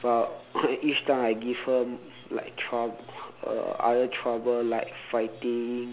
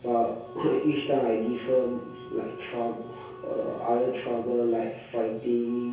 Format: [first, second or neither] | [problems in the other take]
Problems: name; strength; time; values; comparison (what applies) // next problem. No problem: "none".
first | background sound (Wind instrument, woodwind instrument); 17 dB below the speech // room echo; dies away in 0.6 s